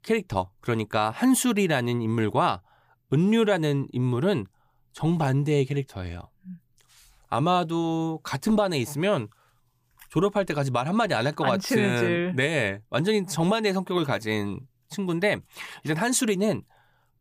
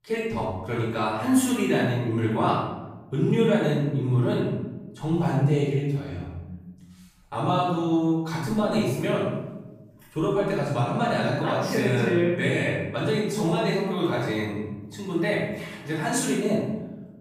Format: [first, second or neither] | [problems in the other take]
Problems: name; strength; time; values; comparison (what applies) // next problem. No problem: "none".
first | off-mic speech; far // room echo; strong; dies away in 0.9 s